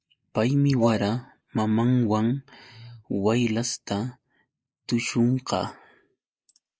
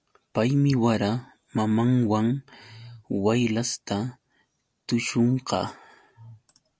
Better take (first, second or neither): second